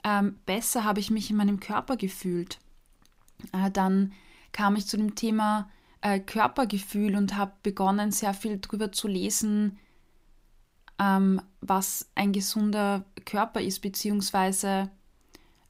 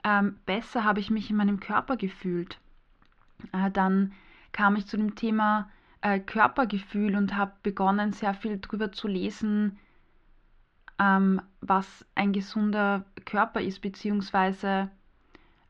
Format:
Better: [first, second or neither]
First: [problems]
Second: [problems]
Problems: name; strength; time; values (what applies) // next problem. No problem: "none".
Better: first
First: none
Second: muffled; very; fading above 3.5 kHz